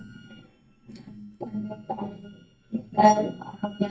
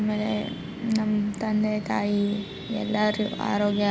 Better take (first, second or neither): second